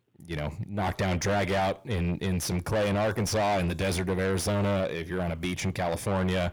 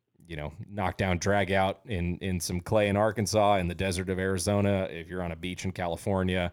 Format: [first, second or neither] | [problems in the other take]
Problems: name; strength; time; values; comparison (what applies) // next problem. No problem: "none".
second | distortion; heavy; 5 dB below the speech